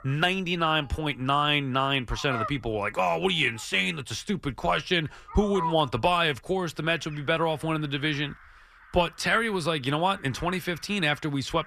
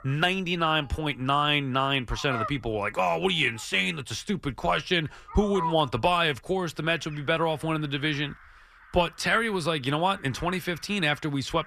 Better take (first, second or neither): neither